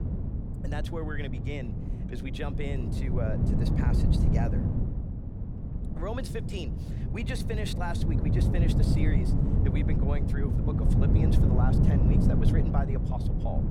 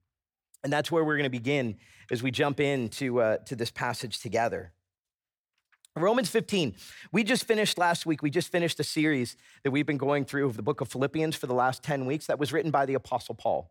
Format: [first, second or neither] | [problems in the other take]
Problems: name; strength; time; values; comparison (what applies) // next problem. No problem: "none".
second | wind noise on the microphone; heavy; 1 dB above the speech